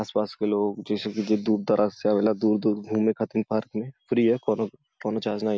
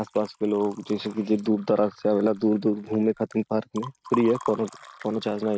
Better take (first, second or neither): first